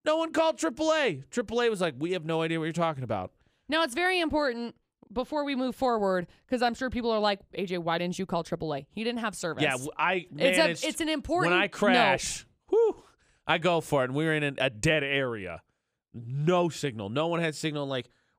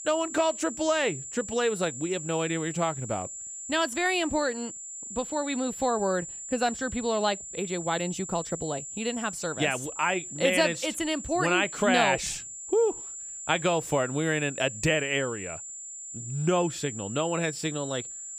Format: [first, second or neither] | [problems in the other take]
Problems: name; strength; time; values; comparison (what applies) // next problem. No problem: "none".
first | high-pitched whine; loud; throughout; 7 kHz, 9 dB below the speech